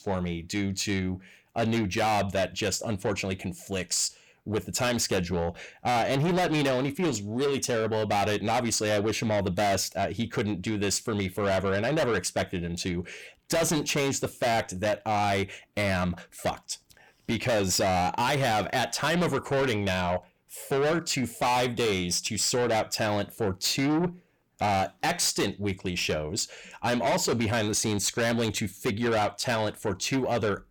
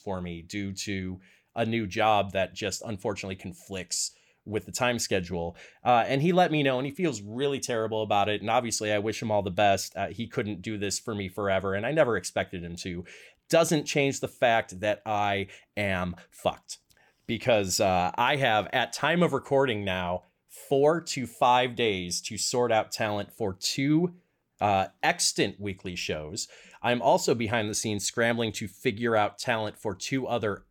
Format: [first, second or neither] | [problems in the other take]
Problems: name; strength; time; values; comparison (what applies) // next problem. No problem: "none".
second | distortion; heavy; 6 dB below the speech